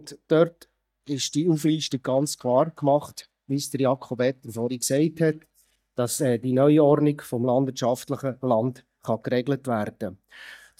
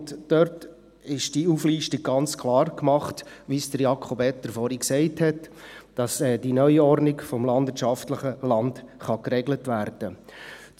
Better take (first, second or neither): second